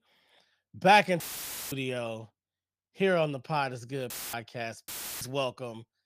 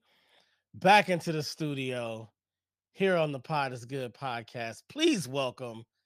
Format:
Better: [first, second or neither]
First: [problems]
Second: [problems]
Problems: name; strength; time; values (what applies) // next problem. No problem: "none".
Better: second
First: audio cutting out; filled with static; at 1 s for 0.5 s, at 4 s and at 5 s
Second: none